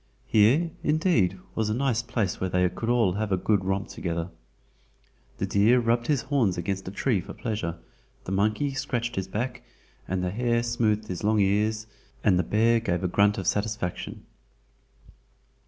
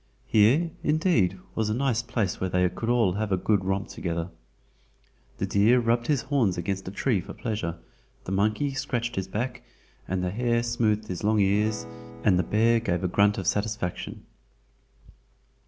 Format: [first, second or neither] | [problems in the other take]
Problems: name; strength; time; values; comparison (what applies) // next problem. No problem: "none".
first | background sound (Acoustic guitar / Strum); 16 dB below the speech